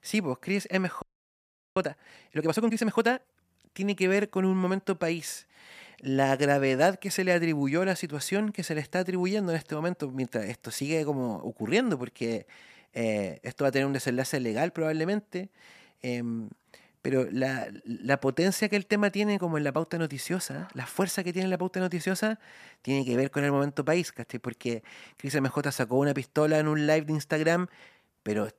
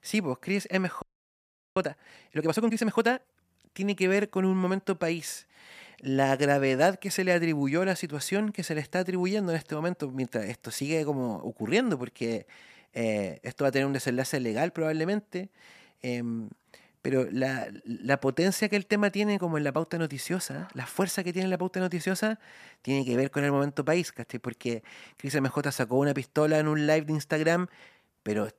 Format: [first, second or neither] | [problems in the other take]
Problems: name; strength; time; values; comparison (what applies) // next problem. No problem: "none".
neither | audio freezing; at 1 s for 0.5 s; the same in both